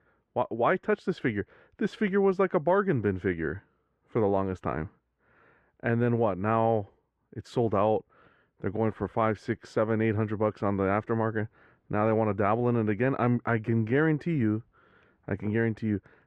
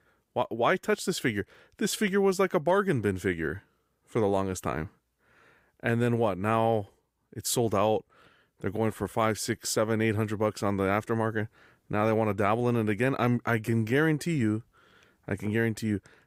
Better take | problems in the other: second | muffled; very; fading above 2 kHz

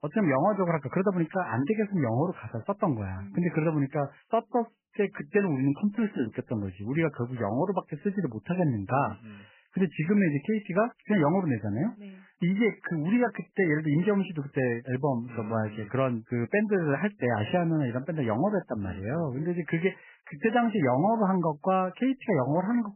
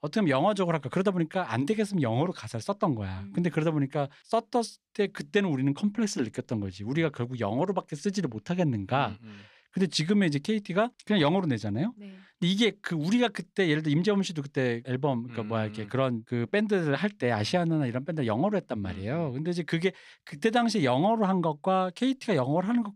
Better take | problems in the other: second | garbled, watery; badly; nothing above 3 kHz

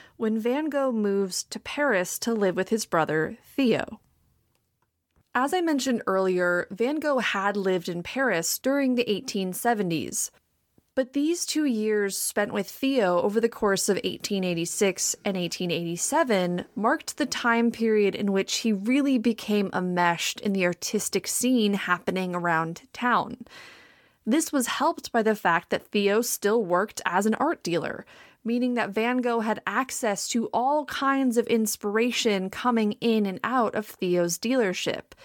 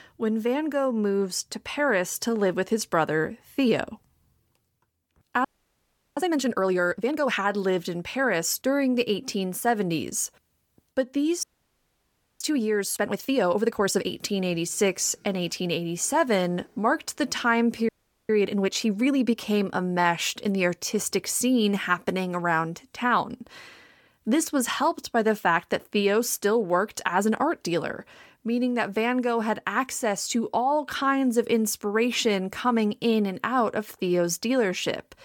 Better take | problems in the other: first | audio freezing; at 5.5 s for 0.5 s, at 11 s for 1 s and at 18 s

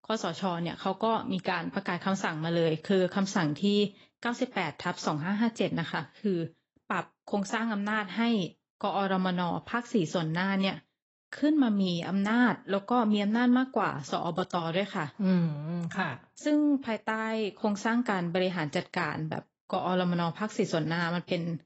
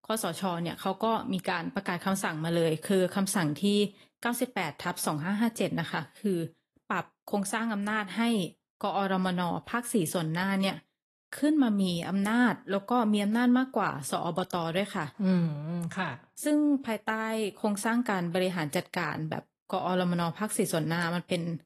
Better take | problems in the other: second | garbled, watery; badly; nothing above 8 kHz; slightly in the second

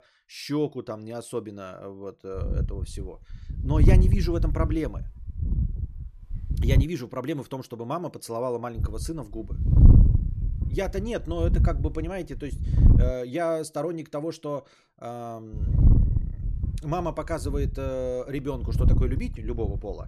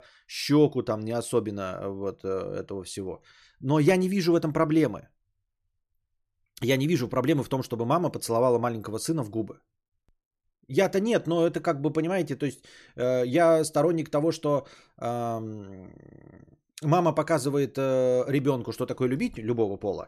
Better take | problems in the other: second | wind noise on the microphone; heavy; from 2.5 to 7 s, from 9 to 13 s and from 16 s on; 6 dB below the speech

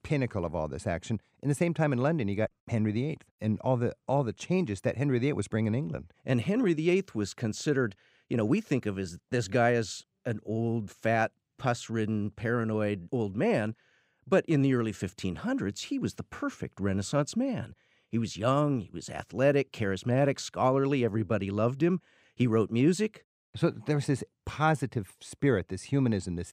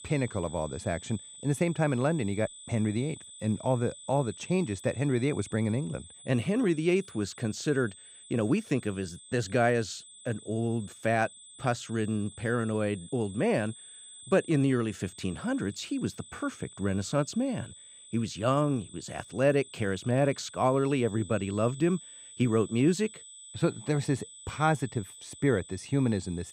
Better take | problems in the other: first | high-pitched whine; noticeable; throughout; 8 kHz, 15 dB below the speech

